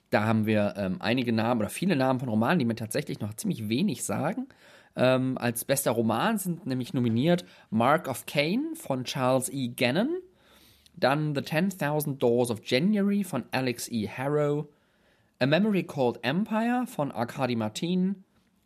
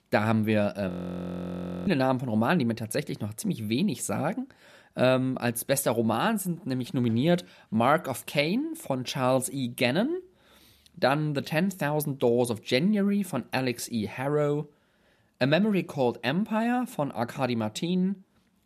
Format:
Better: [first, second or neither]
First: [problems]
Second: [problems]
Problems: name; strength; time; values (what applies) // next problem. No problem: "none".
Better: first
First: none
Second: audio freezing; at 1 s for 1 s